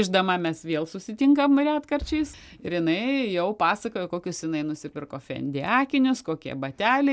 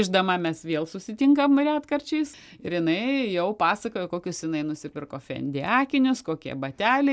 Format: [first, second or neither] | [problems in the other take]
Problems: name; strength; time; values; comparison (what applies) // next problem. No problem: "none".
second | background sound (Boom); 18 dB below the speech